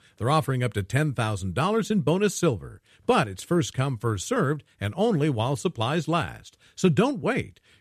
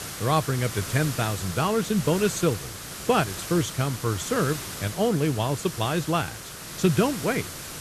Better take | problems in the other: first | hiss; loud; throughout; 9 dB below the speech

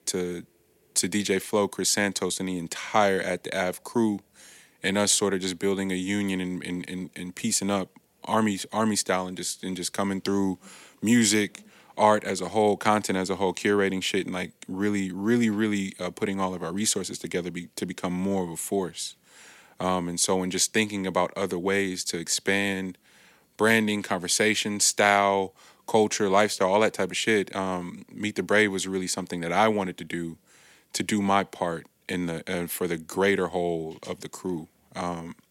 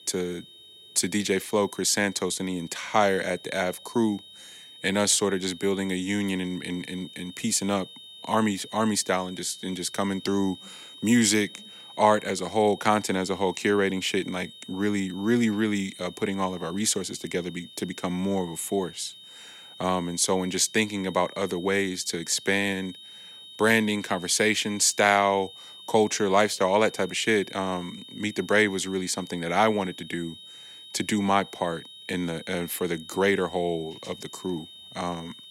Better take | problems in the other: first | high-pitched whine; noticeable; throughout; 3.5 kHz, 20 dB below the speech

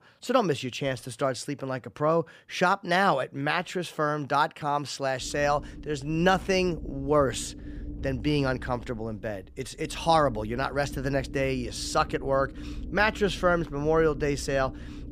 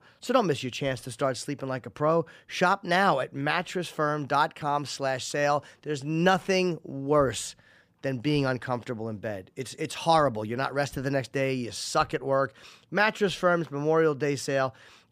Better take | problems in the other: second | low rumble; faint; from 5 s on; 20 dB below the speech

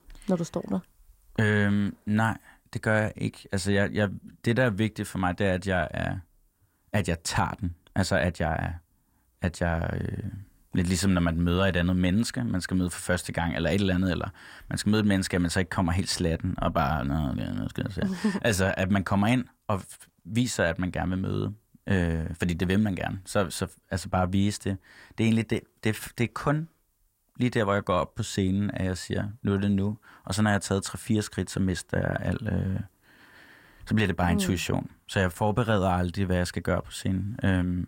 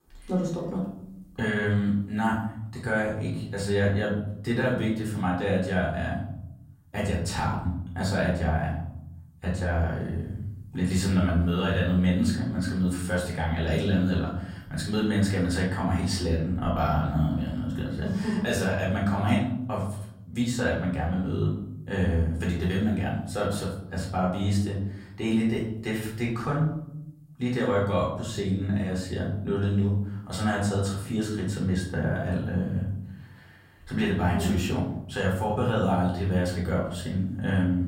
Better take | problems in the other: first | off-mic speech; far // room echo; noticeable; dies away in 0.8 s

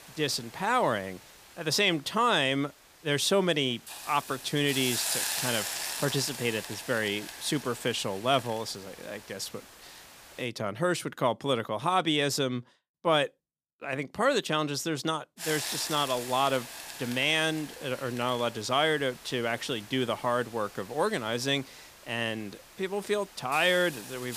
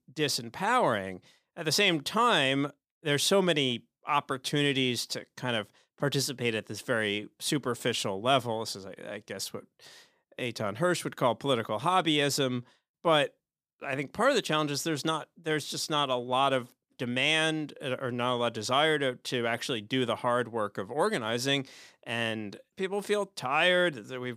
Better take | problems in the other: second | hiss; loud; until 10 s and from 15 s on; 8 dB below the speech

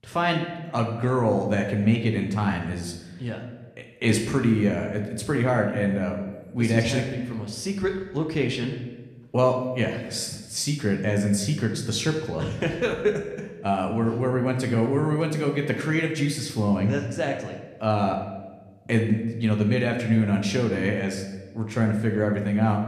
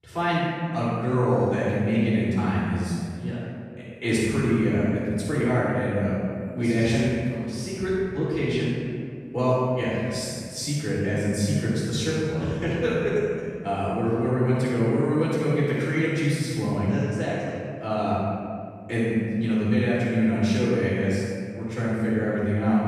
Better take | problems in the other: first | room echo; strong; dies away in 1.9 s; slight in the first // off-mic speech; far

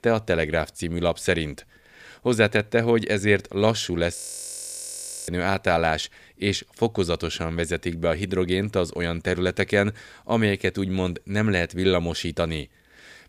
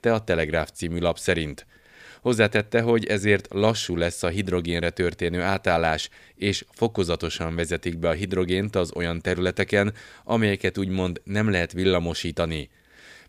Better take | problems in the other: second | audio freezing; at 4 s for 1 s

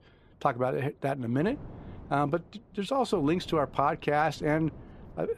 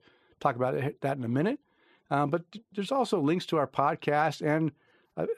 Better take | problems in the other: second | wind noise on the microphone; occasional gusts; 25 dB below the speech

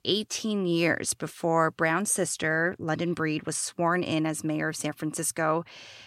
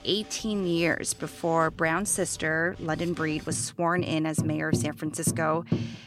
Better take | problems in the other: first | background music; loud; throughout; 7 dB below the speech

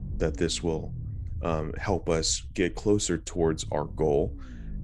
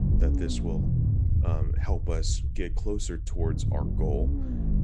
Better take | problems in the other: first | low rumble; loud; throughout; 3 dB below the speech; faint in the first

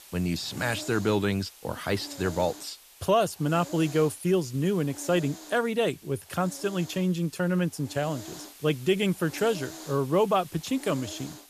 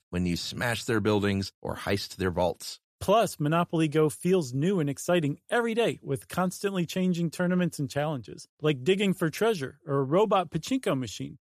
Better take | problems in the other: second | hiss; noticeable; throughout; 15 dB below the speech

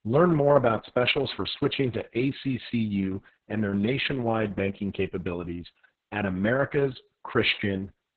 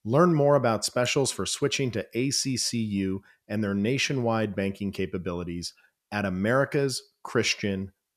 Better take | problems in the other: second | garbled, watery; badly; nothing above 4 kHz

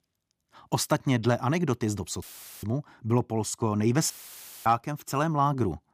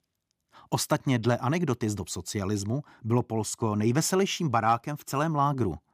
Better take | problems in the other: second | audio cutting out; filled with static; at 2 s and at 4 s for 0.5 s

